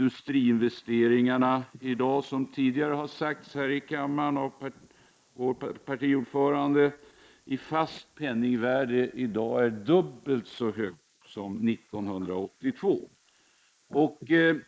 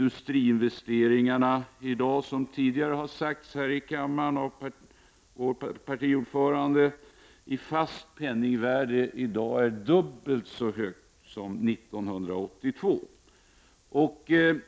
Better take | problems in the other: second | noise reduction (neural mask model Resemble Enhance denoiser)

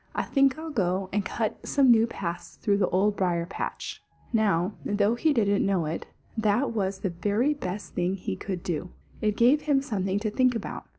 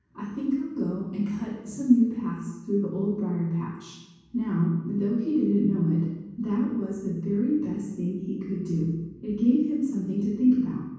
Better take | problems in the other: first | room echo; dies away in 1.2 s

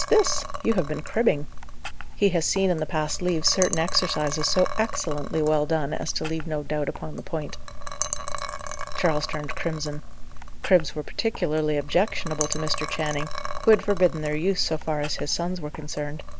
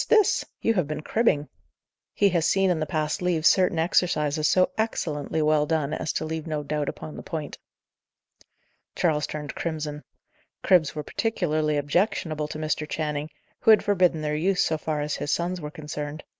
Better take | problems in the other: second | background sound (Liquid); 3 dB below the speech

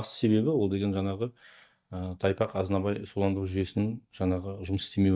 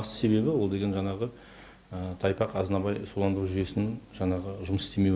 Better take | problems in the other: second | noise reduction (neural mask model DeepFilterNet 3)

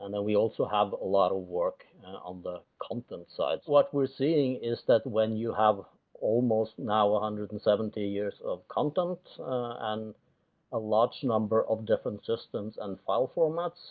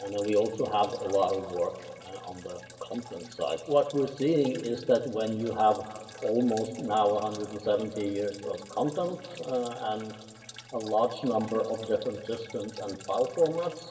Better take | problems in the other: first | background sound (Drip); 19 dB below the speech // room echo; dies away in 2.3 s

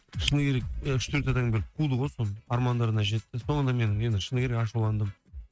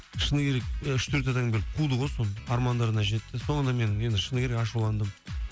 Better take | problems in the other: second | noise reduction (neural mask model RNNoise)

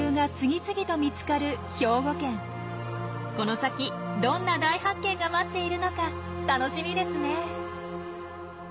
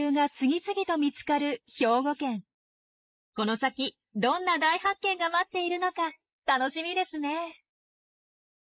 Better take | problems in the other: first | noise reduction (neural mask model Resemble Enhance denoiser)

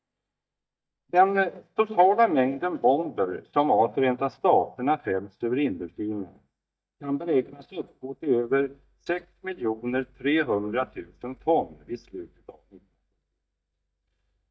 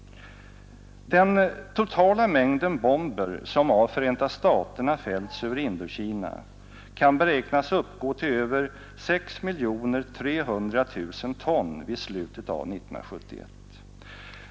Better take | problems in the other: second | noise reduction (neural mask model DeepFilterNet 3)

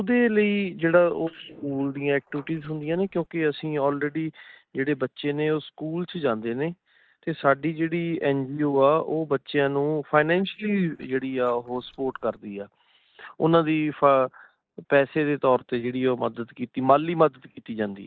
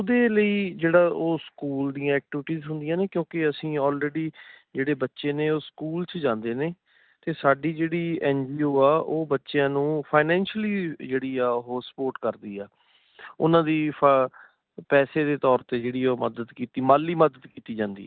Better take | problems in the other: second | noise reduction (neural mask model Resemble Enhance denoiser)

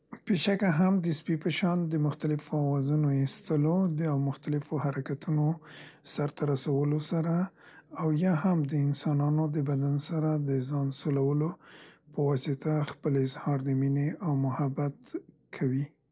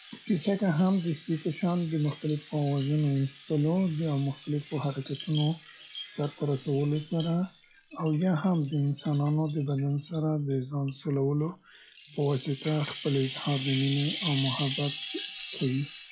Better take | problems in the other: first | noise reduction (classical method log-MMSE)

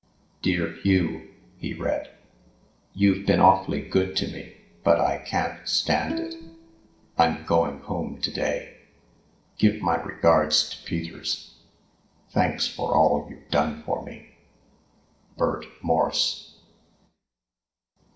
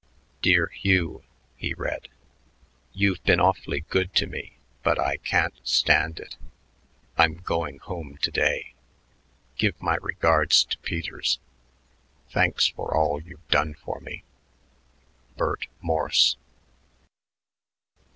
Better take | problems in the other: second | background sound (Bowed string instrument); 9 dB below the speech // room echo; dies away in 0.5 s

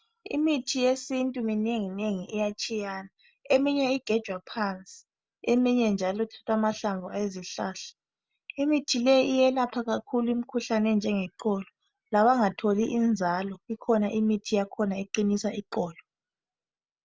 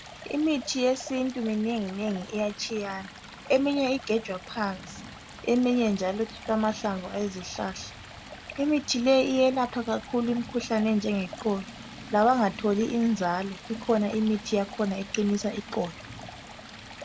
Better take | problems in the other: first | background sound (Stream); 16 dB below the speech

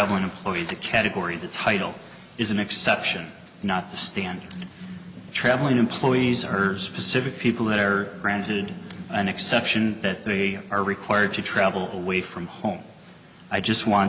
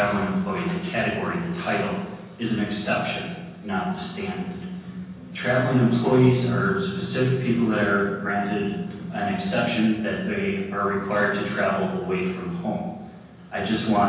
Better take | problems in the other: first | room echo; dies away in 1.1 s

